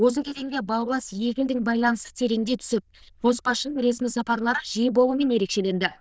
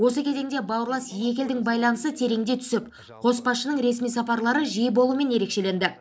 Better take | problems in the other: second | noise reduction (neural diffusion model UNIVERSE++)

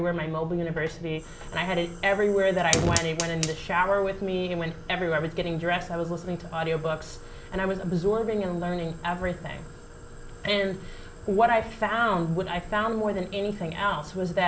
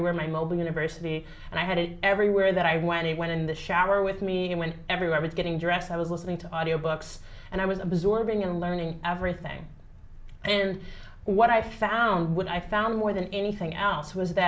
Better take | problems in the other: second | background sound (Fire); 12 dB below the speech

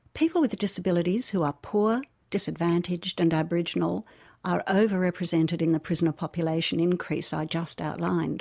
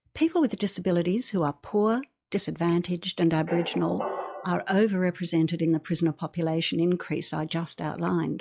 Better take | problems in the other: first | noise reduction (classical method log-MMSE)

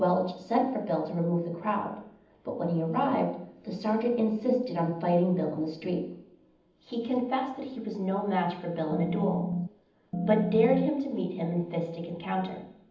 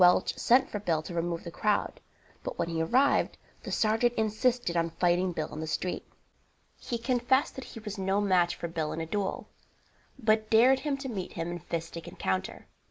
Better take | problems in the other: second | background sound (Organ); 1 dB below the speech // room echo; dies away in 0.8 s

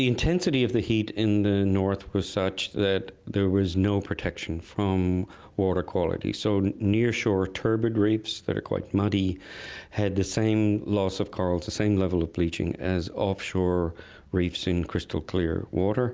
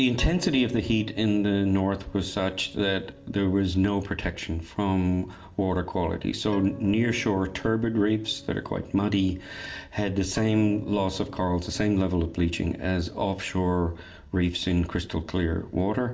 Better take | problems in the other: first | background sound (Organ); 19 dB below the speech // room echo; dies away in 0.4 s

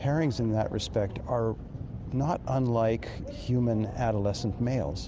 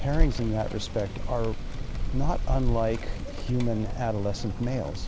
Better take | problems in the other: first | background sound (Rain); 1 dB above the speech

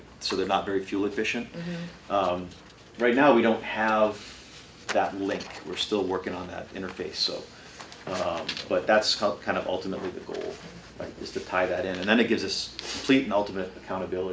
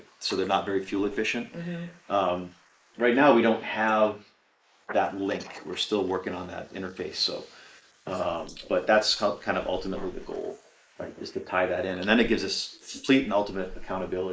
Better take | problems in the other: first | noise reduction (neural mask model Resemble Enhance denoiser)

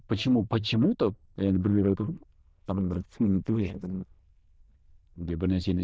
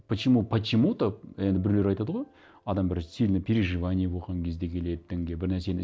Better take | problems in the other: second | noise reduction (neural diffusion model UNIVERSE++)

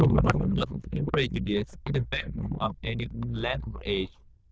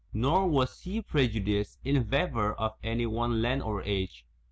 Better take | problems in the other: second | noise reduction (neural diffusion model UNIVERSE++)

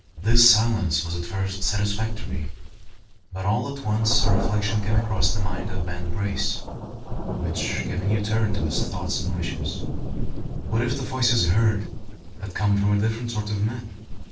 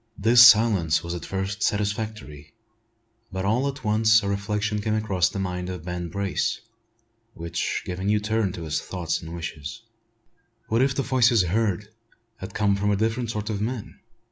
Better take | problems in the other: second | noise reduction (neural separator model SepFormer DNS4)

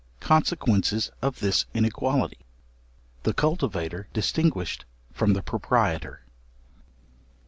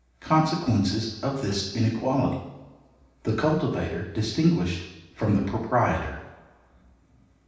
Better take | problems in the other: first | room echo; dies away in 0.9 s

